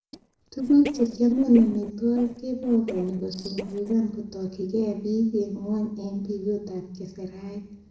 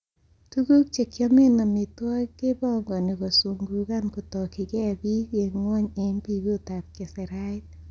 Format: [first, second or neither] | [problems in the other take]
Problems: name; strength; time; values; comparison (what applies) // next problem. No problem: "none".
second | noise reduction (neural separator model SepFormer DNS4)